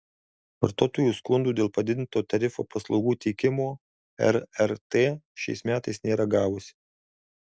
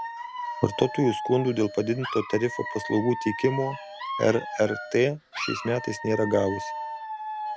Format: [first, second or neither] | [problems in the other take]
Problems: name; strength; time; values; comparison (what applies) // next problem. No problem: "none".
first | background sound (Alarm / Dog); 8 dB below the speech